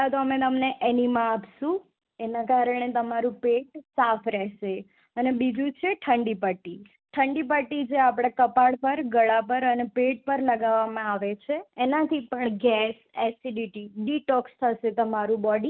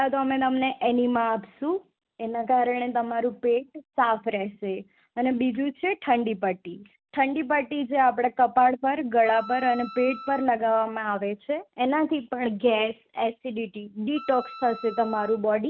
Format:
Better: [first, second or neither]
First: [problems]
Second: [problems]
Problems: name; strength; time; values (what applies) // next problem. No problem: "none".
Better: first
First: none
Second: background sound (Wind instrument, woodwind instrument); 16 dB below the speech